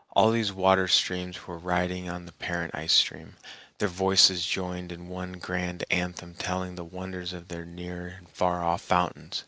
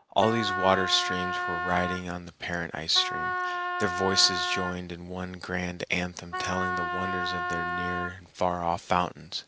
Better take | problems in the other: first | background sound (Wind instrument, woodwind instrument); 2 dB below the speech

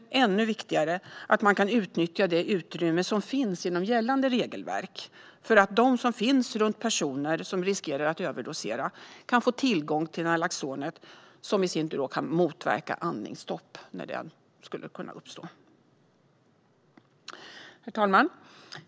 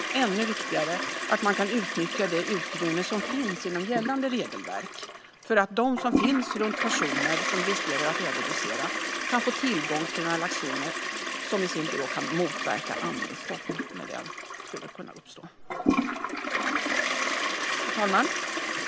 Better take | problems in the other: first | background sound (Toilet flush); as loud as the speech

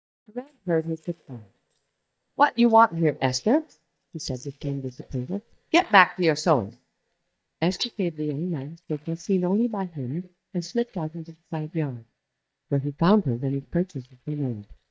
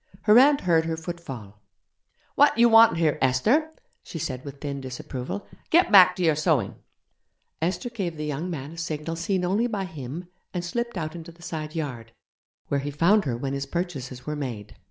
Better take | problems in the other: second | noise reduction (neural mask model DeepFilterNet 3)

